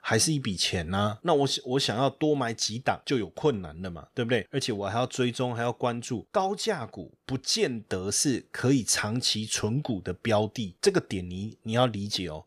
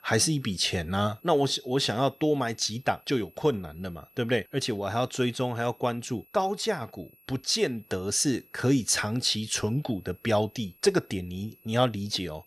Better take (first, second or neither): first